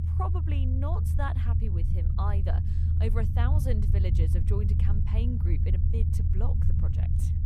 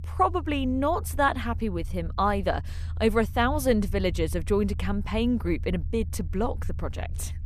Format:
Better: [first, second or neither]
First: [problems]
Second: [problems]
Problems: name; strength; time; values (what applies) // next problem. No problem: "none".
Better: second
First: low rumble; loud; throughout; 2 dB below the speech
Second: low rumble; faint; throughout; 25 dB below the speech